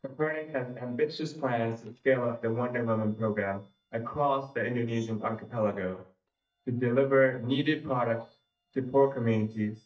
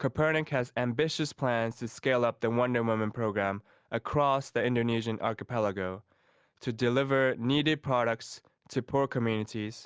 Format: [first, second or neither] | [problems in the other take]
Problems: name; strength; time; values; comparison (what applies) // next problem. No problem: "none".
second | noise reduction (neural mask model DeepFilterNet 3)